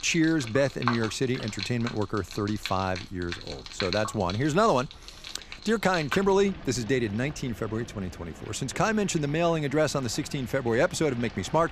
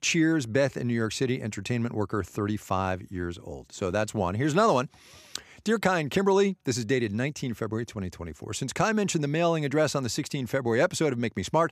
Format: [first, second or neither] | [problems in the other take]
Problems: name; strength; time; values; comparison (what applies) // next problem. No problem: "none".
second | rain or running water; noticeable; throughout; 10 dB below the speech